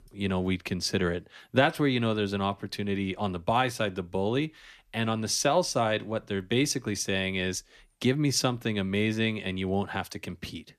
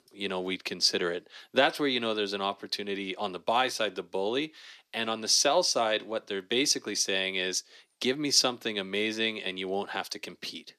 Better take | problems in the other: first | thin; somewhat; fading below 350 Hz

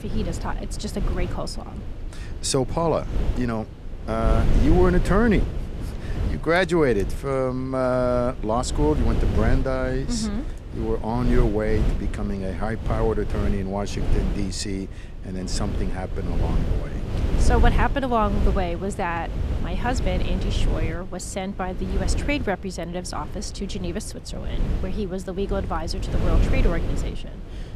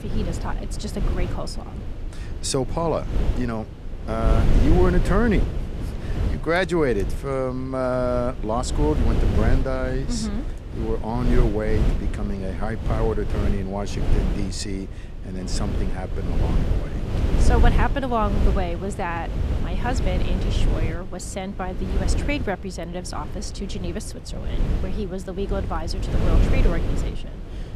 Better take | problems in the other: first | wind noise on the microphone; heavy; 8 dB below the speech; occasional gusts in the first

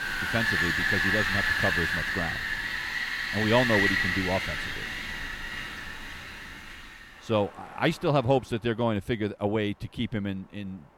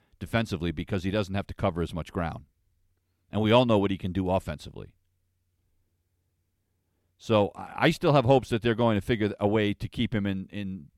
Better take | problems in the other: second | wind in the background; very loud; throughout; 2 dB above the speech

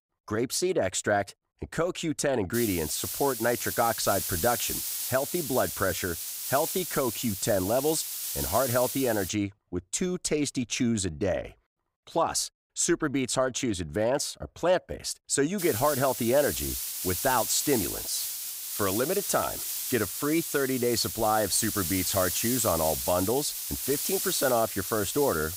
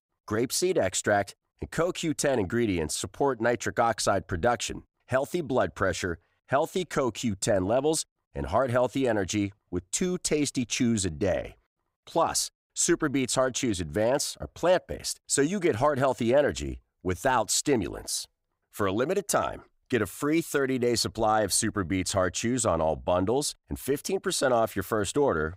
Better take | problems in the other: second | hiss; loud; from 2.5 to 9.5 s and from 16 s on; 3 dB below the speech

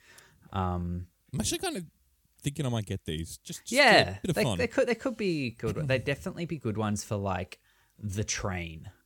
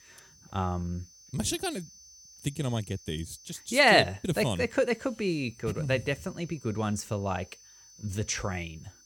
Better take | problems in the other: first | high-pitched whine; faint; throughout; 6 kHz, 25 dB below the speech

